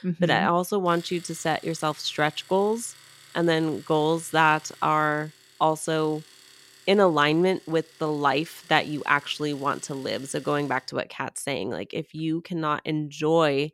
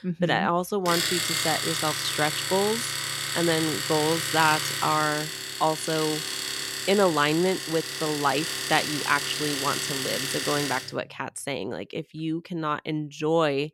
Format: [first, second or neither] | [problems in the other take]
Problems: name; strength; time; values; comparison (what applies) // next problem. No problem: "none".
first | household noises; loud; until 11 s; 1 dB below the speech; faint in the first